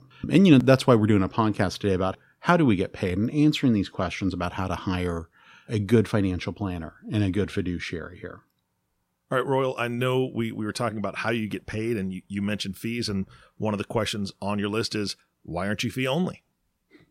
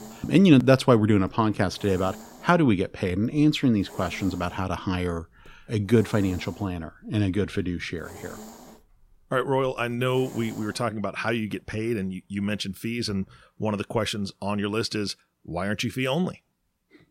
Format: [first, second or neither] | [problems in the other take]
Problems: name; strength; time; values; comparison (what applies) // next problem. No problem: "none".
first | hiss; faint; until 11 s; 20 dB below the speech